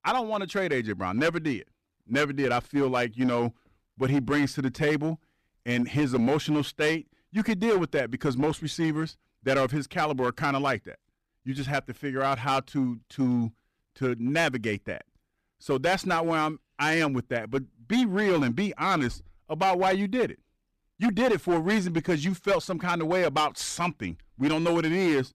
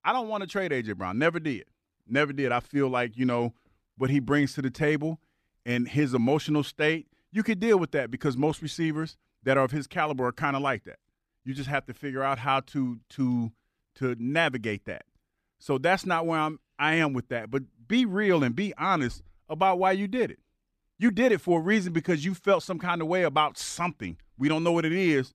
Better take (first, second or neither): second